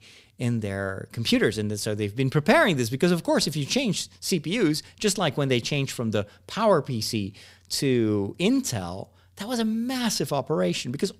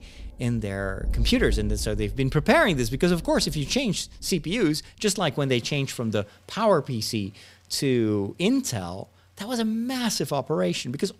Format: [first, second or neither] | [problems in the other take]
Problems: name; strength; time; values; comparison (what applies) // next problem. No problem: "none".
first | rain or running water; noticeable; throughout; 10 dB below the speech